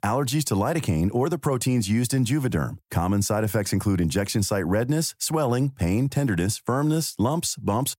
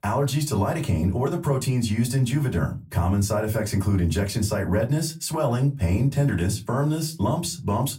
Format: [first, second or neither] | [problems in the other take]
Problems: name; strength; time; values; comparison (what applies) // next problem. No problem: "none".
first | off-mic speech; far // room echo; very slight; dies away in 0.2 s